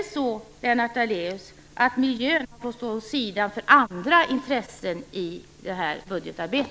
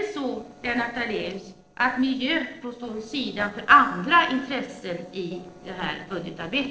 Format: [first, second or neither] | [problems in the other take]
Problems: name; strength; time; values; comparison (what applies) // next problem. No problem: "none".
first | noise reduction (neural separator model SepFormer DNS4)